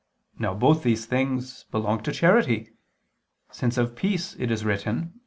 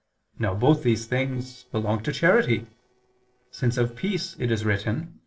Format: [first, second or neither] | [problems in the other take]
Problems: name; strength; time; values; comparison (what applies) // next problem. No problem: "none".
first | noise reduction (neural separator model SepFormer DNS4)